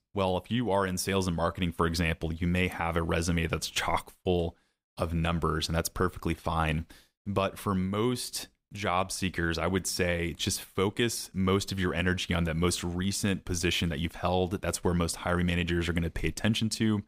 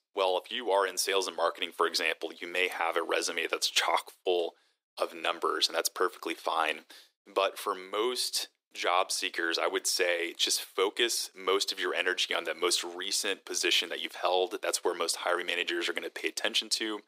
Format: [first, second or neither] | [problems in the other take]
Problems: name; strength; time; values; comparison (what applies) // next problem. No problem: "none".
first | thin; very; fading below 350 Hz